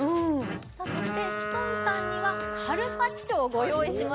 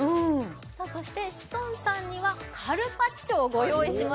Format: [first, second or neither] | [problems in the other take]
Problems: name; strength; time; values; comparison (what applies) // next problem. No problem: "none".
second | background sound (Bowed string instrument); 5 dB below the speech